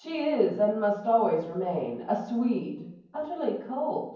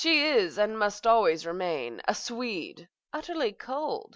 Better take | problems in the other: second | room echo; dies away in 0.9 s

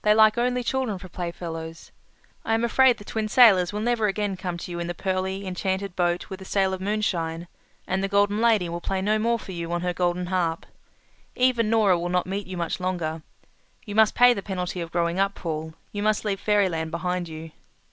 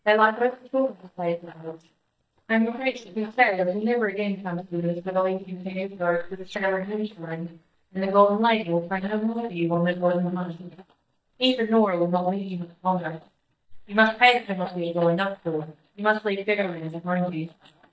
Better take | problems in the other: first | noise reduction (neural mask model DeepFilterNet 3)

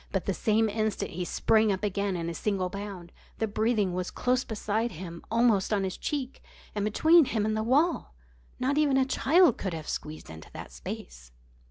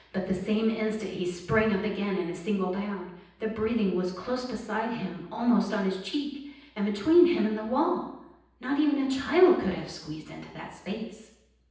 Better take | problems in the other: first | room echo; dies away in 0.9 s

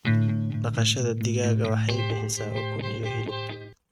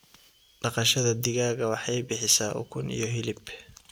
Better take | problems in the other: second | noise reduction (neural mask model RNNoise)

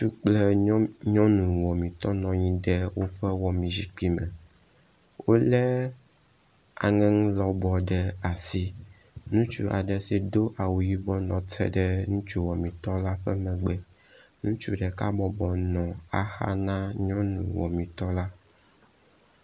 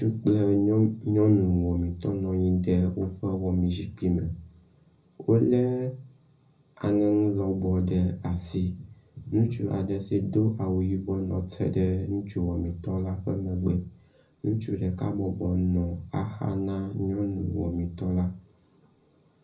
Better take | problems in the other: first | room echo; dies away in 0.4 s

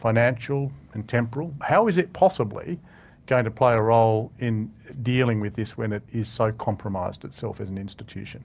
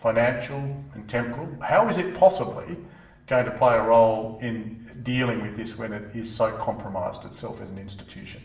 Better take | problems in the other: first | room echo; dies away in 0.8 s

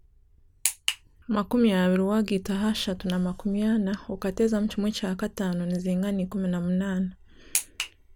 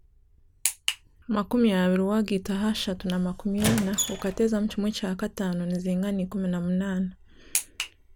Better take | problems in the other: first | background sound (Squeak); 4 dB below the speech

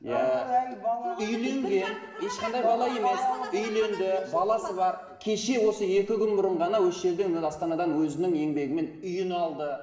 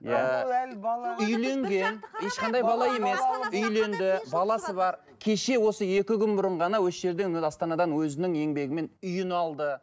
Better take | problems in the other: second | room echo; dies away in 1 s

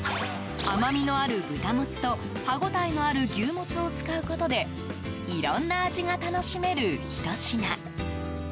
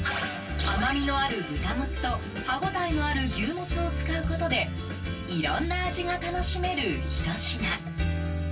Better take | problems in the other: first | room echo; dies away in 0.1 s

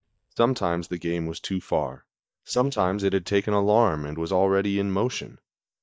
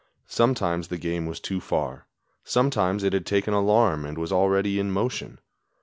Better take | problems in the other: second | noise reduction (neural mask model DeepFilterNet 3)

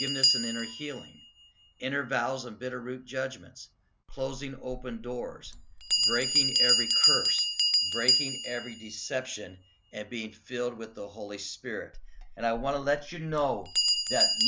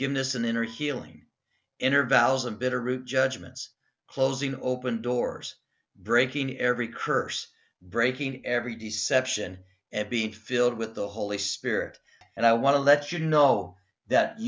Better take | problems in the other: second | background sound (Bell); 4 dB above the speech

